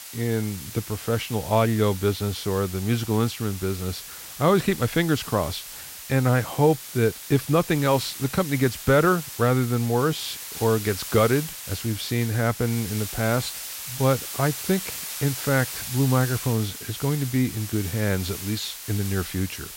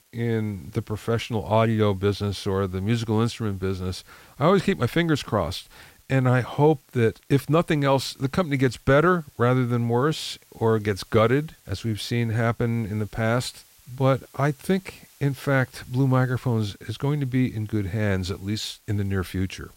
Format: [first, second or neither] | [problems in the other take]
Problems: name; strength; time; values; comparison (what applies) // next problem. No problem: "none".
second | hiss; loud; throughout; 9 dB below the speech; faint in the second